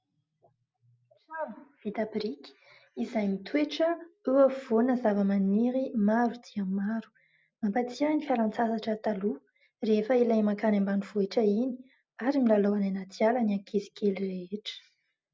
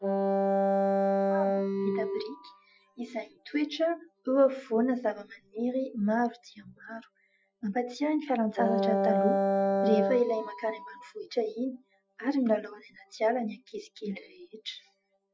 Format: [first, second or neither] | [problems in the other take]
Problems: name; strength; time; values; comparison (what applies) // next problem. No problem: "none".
first | noise reduction (classical method Wiener filter)